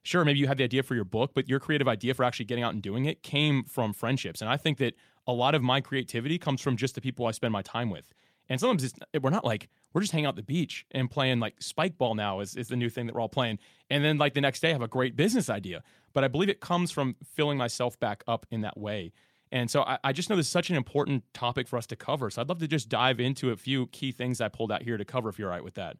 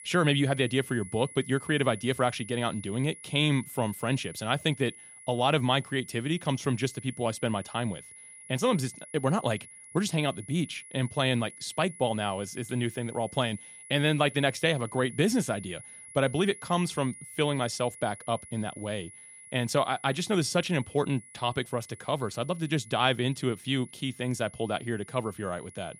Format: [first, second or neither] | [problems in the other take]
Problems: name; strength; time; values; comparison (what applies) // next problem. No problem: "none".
first | high-pitched whine; noticeable; throughout; 10.5 kHz, 15 dB below the speech